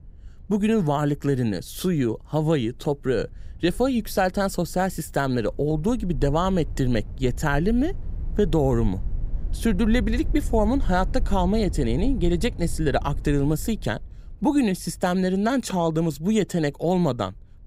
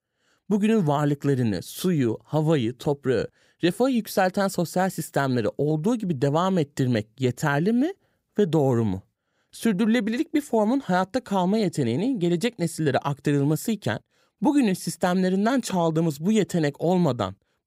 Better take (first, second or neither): second